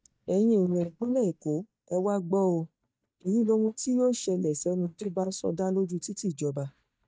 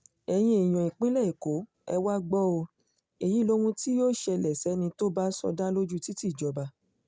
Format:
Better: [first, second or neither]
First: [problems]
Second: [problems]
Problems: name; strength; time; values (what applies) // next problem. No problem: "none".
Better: second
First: noise reduction (neural mask model DeepFilterNet 3)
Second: none